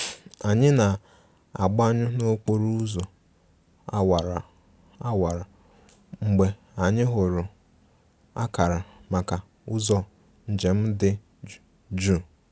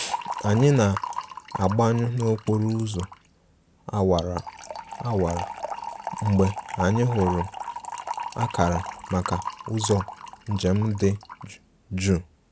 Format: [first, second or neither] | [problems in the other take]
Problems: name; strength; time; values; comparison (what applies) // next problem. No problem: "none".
first | background sound (Fill (with liquid) / Trickle, dribble); 10 dB below the speech